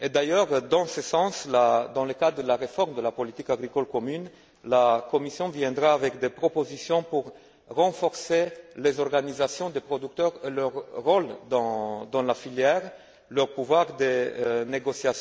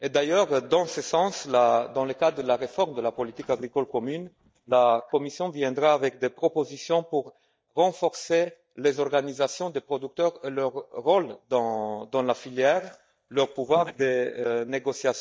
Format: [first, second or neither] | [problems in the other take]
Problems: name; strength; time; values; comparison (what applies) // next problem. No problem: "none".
first | noise reduction (neural mask model DeepFilterNet 3)